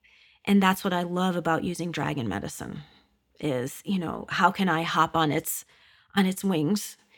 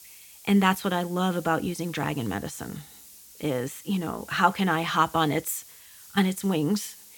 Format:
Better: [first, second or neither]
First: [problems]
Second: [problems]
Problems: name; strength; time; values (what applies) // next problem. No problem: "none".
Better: first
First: none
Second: hiss; noticeable; throughout; 20 dB below the speech